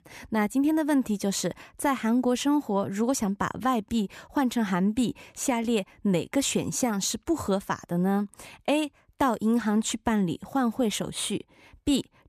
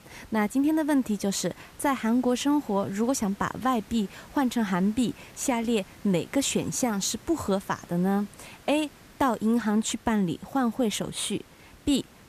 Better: first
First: none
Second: hiss; faint; throughout; 25 dB below the speech

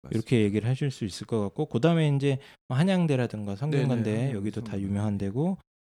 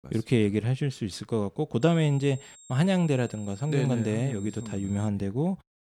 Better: first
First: none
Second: high-pitched whine; faint; from 2 to 5 s; 7.5 kHz, 20 dB below the speech

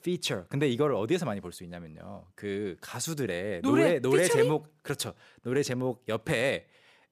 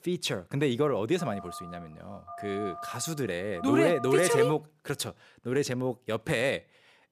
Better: first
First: none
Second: phone ringing; noticeable; from 1 to 4.5 s; peak 8 dB below the speech

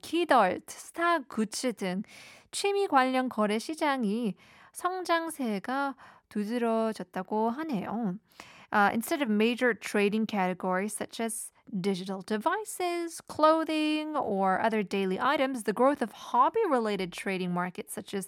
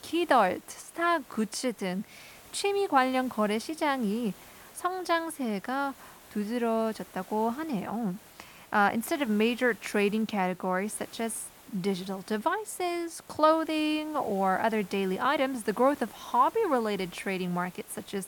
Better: first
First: none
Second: hiss; faint; throughout; 20 dB below the speech

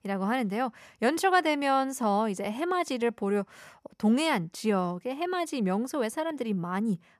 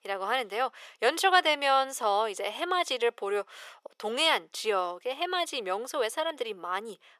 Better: first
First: none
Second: thin; very; fading below 450 Hz

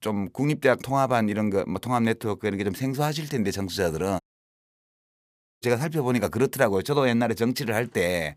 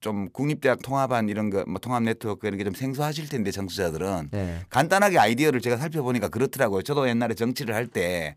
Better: second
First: audio cutting out; at 4 s for 1.5 s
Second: none

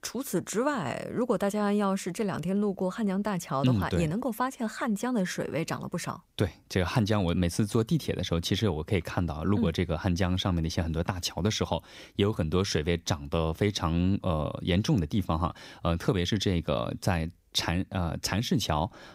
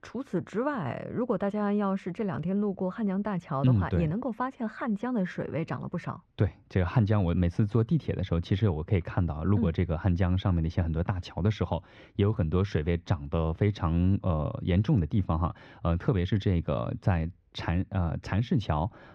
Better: first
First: none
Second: muffled; very; fading above 2 kHz

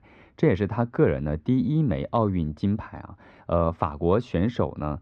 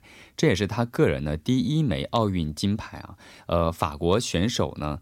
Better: second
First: muffled; very; fading above 1.5 kHz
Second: none

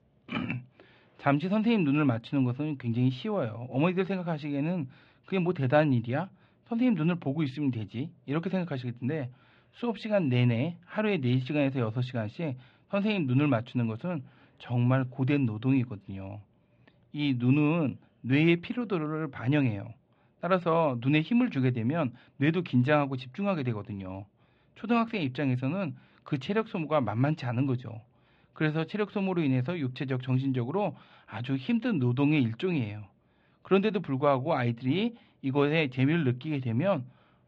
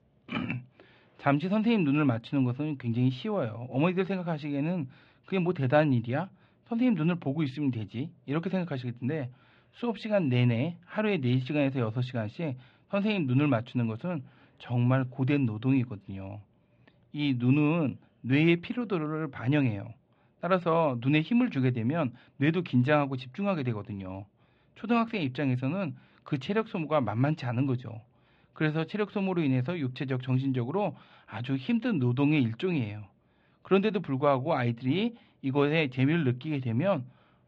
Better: neither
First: muffled; very; fading above 3.5 kHz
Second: muffled; very; fading above 3.5 kHz

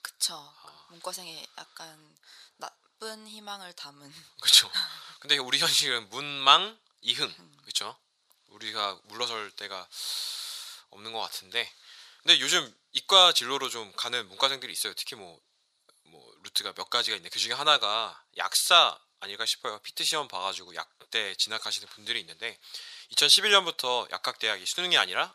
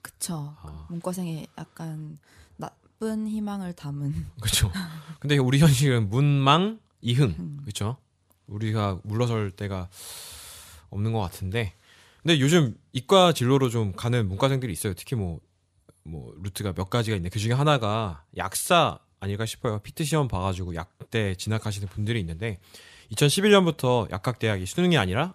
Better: second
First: thin; very; fading below 750 Hz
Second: none

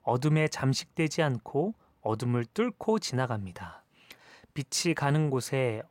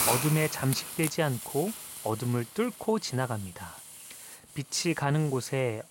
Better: first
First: none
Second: hiss; loud; throughout; 8 dB below the speech

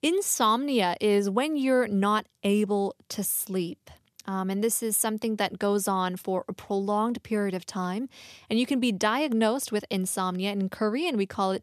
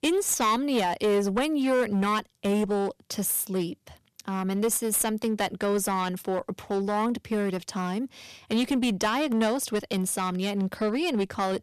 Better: first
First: none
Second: distortion; slight; 8% of the sound clipped

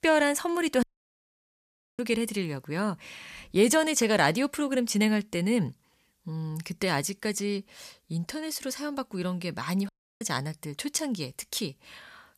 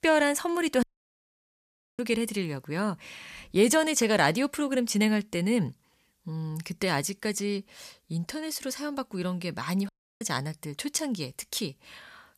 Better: neither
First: audio cutting out; at 1 s for 1 s and at 10 s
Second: audio cutting out; at 1 s for 1 s and at 10 s

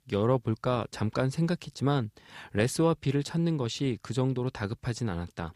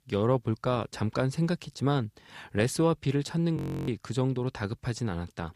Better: first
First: none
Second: audio freezing; at 3.5 s

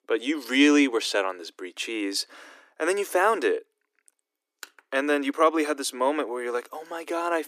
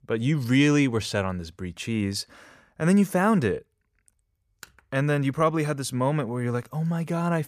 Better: second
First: thin; very slightly; fading below 300 Hz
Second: none

